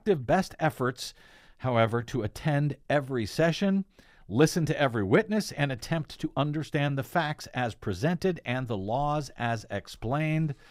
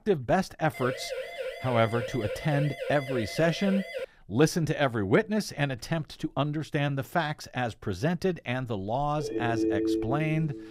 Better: first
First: none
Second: siren; noticeable; from 0.5 to 4 s; peak 6 dB below the speech // phone ringing; loud; from 9 s on; peak 2 dB above the speech

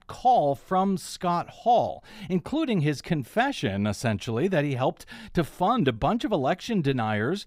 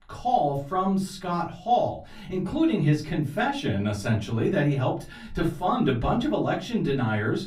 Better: first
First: none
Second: off-mic speech; far // room echo; very slight; dies away in 0.3 s

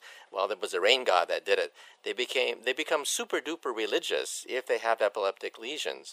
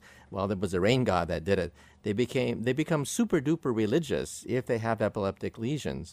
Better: second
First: thin; very; fading below 450 Hz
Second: none

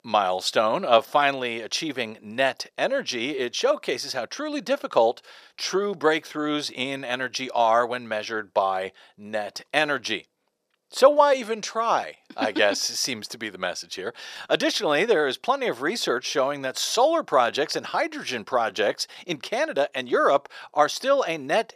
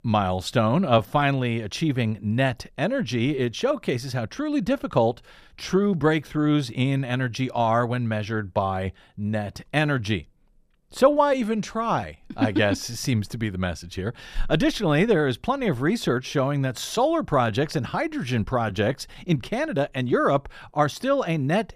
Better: second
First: thin; somewhat; fading below 500 Hz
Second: none

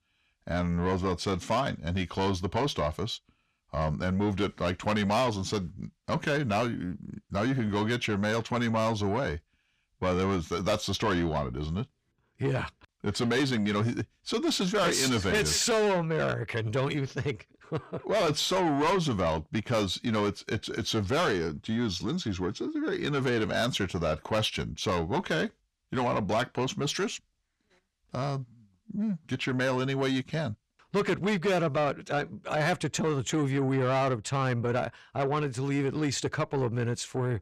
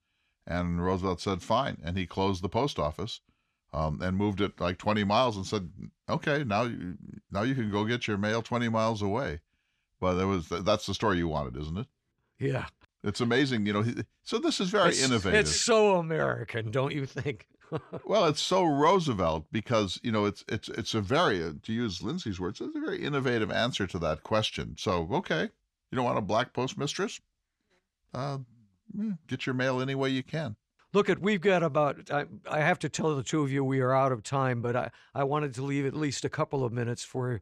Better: second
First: distortion; slight; 10 dB below the speech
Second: none

